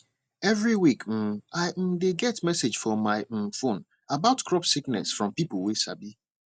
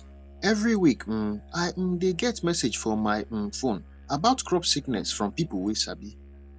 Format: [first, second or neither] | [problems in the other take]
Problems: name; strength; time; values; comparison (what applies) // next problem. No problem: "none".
first | background sound (Musical instrument); 19 dB below the speech